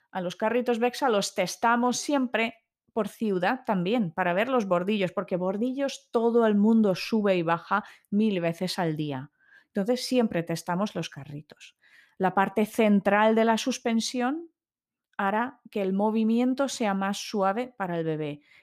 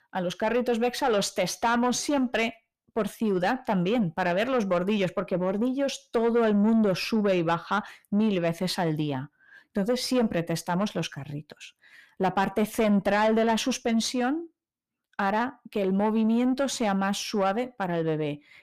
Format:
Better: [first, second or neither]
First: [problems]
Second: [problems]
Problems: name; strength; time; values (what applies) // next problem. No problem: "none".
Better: first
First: none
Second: distortion; slight; 10 dB below the speech